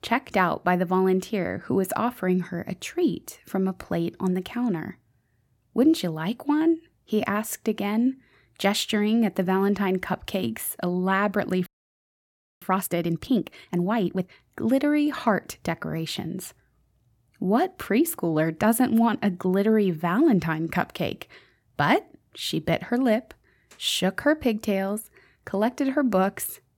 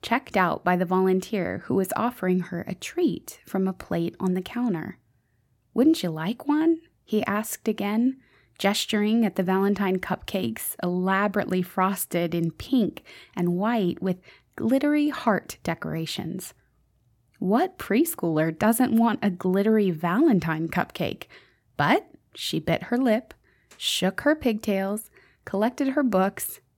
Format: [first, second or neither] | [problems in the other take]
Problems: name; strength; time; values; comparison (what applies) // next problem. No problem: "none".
second | audio freezing; at 12 s for 1 s